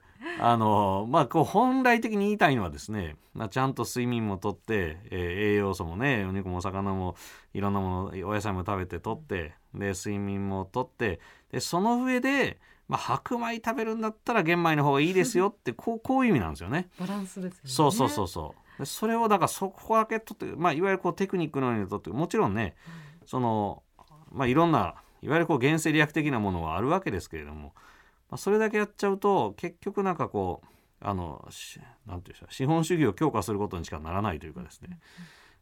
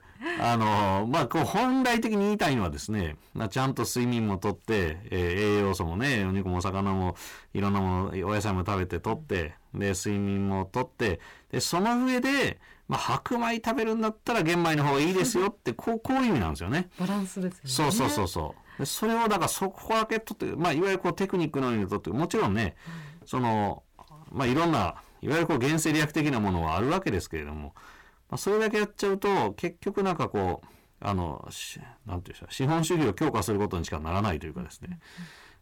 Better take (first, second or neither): first